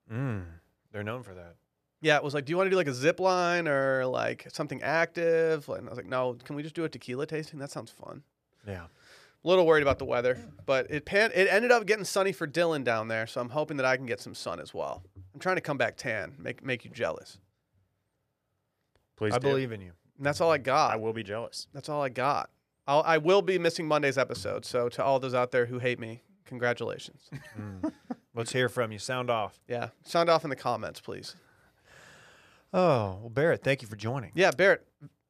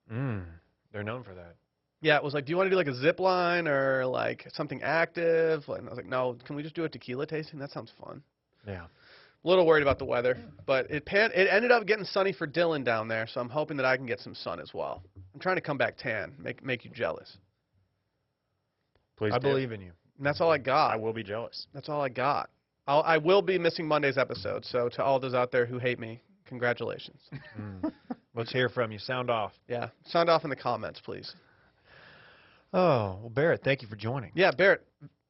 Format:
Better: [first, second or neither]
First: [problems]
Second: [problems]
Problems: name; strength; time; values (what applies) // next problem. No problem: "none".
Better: first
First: none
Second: garbled, watery; badly; nothing above 5.5 kHz